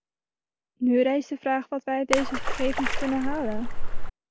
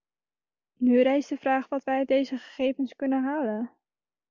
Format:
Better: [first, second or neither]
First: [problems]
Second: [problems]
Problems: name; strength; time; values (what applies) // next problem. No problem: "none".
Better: second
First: background sound (Splash, splatter); 3 dB above the speech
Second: none